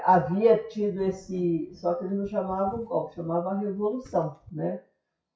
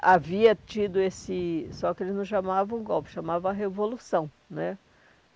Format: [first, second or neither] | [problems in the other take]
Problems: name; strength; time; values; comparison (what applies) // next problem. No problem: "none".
second | noise reduction (classical method WPE with log-MMSE)